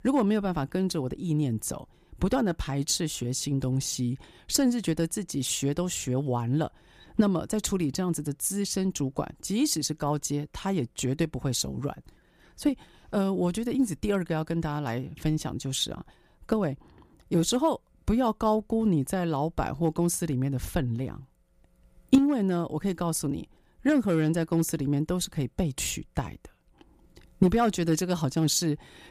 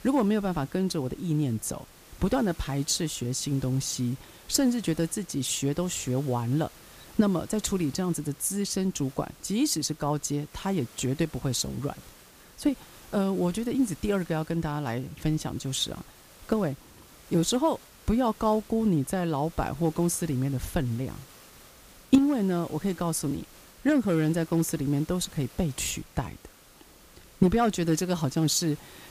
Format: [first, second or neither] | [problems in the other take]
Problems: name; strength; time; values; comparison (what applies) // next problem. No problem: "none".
first | hiss; faint; throughout; 20 dB below the speech